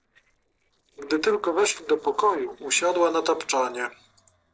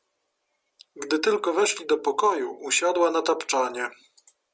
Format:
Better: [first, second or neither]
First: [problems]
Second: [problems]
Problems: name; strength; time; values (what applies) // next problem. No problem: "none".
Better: second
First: noise reduction (neural separator model SepFormer DNS4)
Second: none